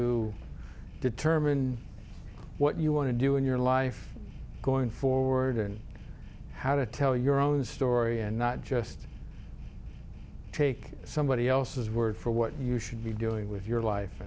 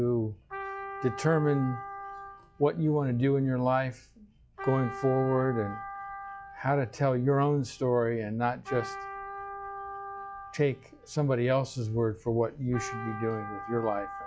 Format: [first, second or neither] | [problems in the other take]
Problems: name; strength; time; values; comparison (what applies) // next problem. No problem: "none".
first | noise reduction (classical method log-MMSE)